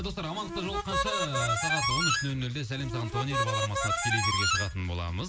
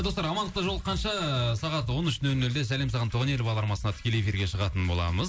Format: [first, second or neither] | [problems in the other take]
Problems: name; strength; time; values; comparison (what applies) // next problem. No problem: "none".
second | background sound (Harmonica); 2 dB above the speech